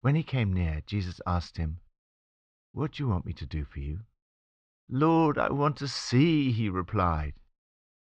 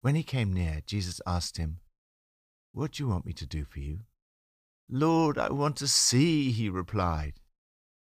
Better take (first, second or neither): second